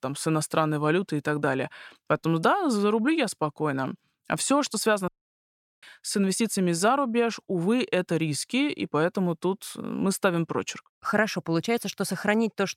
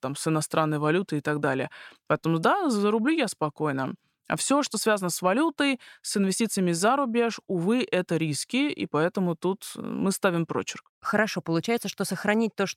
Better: second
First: audio cutting out; at 5 s for 0.5 s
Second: none

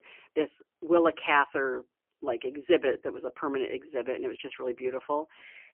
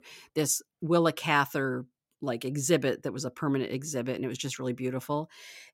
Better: second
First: phone-call audio; poor line; nothing above 3 kHz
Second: none

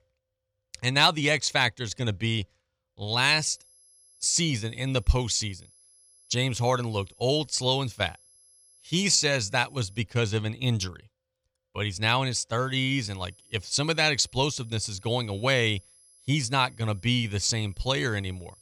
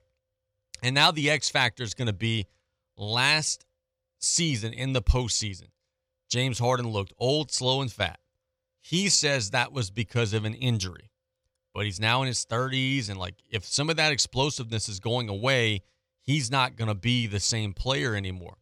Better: second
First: high-pitched whine; faint; from 3.5 to 10 s and from 13 s on; 11 kHz, 30 dB below the speech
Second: none

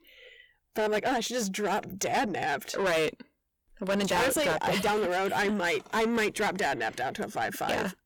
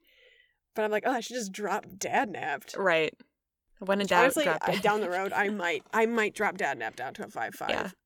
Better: second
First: distortion; heavy; 6 dB below the speech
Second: none

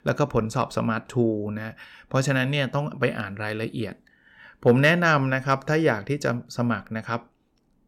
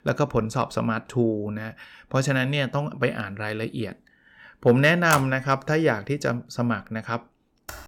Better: first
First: none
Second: phone ringing; noticeable; at 5 s; peak 4 dB below the speech // keyboard typing; faint; at 7.5 s; peak 15 dB below the speech

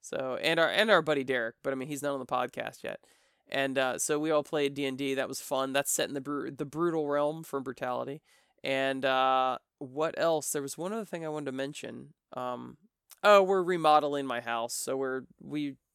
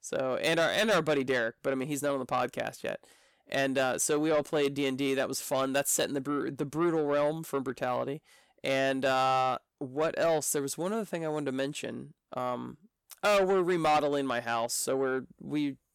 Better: first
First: none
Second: distortion; heavy; 8 dB below the speech

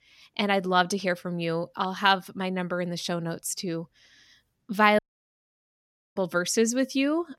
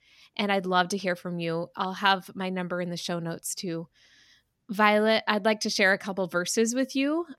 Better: second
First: audio cutting out; at 5 s for 1 s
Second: none

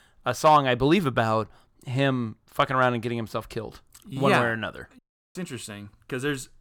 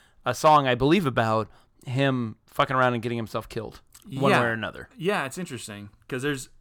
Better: second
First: audio cutting out; at 5 s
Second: none

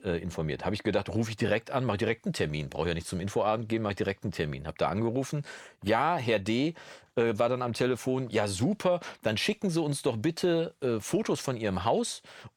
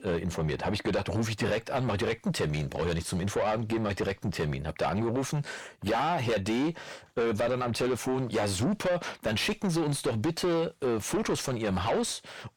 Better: first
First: none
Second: distortion; heavy; 6 dB below the speech

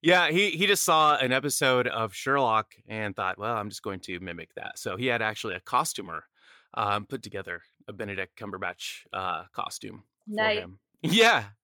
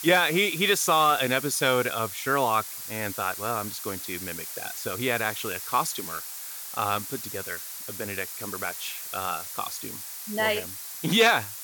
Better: first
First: none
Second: hiss; loud; throughout; 8 dB below the speech

